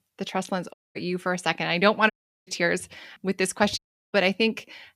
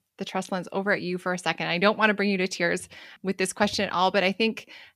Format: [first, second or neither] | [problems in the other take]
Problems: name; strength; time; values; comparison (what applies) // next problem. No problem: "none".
second | audio cutting out; at 0.5 s, at 2 s and at 4 s